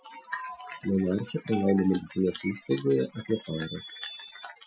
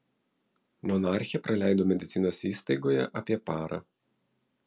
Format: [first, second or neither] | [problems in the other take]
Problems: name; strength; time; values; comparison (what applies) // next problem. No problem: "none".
second | noise reduction (classical method Wiener filter)